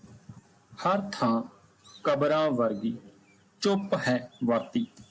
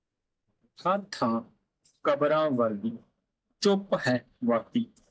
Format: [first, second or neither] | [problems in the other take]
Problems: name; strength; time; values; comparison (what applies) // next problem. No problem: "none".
first | noise reduction (neural mask model DeepFilterNet 3)